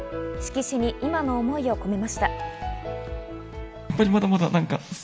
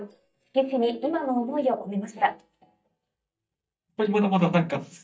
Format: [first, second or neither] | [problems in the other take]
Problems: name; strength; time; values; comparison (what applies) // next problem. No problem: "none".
first | noise reduction (neural mask model DeepFilterNet 3)